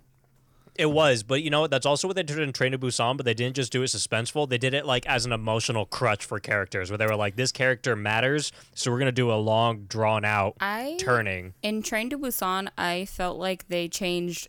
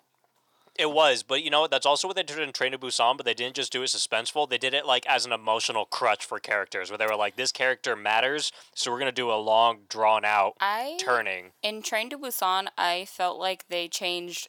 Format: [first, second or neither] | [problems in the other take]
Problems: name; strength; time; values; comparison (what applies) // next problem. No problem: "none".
first | thin; very; fading below 400 Hz